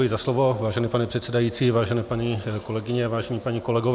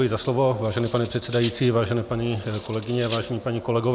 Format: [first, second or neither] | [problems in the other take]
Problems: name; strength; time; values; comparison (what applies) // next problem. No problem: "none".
first | background sound (Cutlery, silverware); 18 dB below the speech